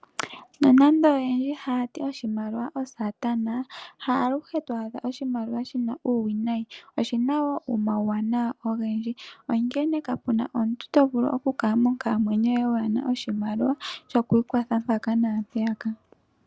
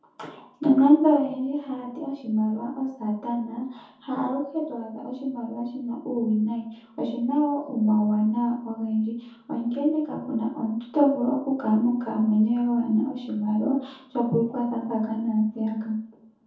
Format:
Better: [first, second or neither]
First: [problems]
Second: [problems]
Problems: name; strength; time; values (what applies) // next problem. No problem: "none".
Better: first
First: none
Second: room echo; dies away in 0.6 s